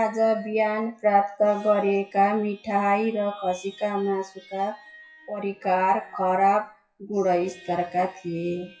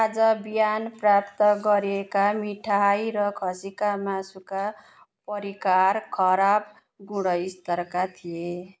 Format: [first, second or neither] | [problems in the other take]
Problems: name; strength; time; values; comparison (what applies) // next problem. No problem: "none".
second | noise reduction (classical method WPE with log-MMSE)